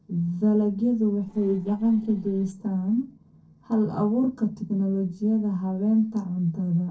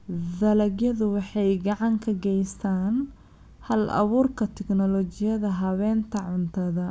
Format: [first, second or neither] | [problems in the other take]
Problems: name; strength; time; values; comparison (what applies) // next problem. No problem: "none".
second | noise reduction (neural separator model SepFormer DNS4)